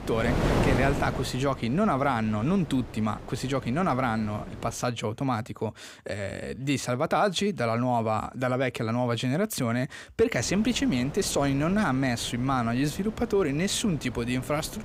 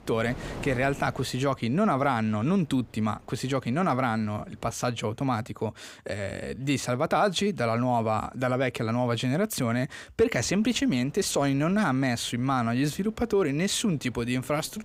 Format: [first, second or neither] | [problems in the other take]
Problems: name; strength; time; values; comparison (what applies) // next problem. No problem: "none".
second | wind noise on the microphone; heavy; until 5 s and from 10 s on; 9 dB below the speech; occasional gusts in the second